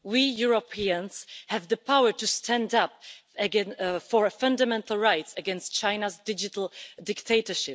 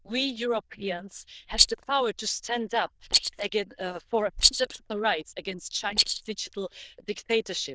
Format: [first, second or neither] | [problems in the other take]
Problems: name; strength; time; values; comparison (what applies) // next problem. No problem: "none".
first | noise reduction (neural diffusion model UNIVERSE++)